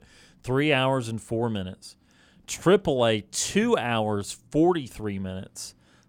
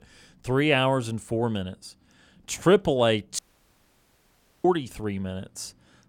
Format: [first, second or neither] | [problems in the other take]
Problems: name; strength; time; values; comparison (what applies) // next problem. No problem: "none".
first | audio cutting out; at 3.5 s for 1 s